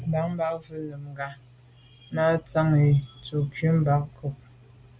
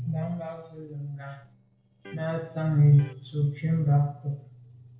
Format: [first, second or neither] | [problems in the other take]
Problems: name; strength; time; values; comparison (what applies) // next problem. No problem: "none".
first | noise reduction (neural separator model SepFormer DNS4)